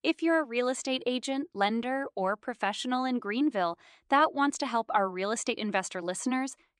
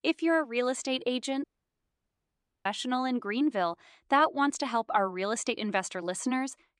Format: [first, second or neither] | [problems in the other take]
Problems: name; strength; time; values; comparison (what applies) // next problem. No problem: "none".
first | audio cutting out; at 1.5 s for 1 s